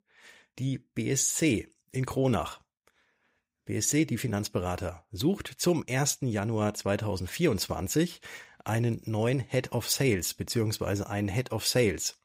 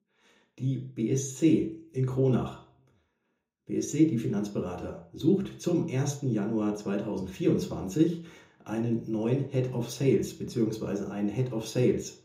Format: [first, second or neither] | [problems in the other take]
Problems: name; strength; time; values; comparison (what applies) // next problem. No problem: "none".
first | room echo; slight; dies away in 0.5 s // off-mic speech; far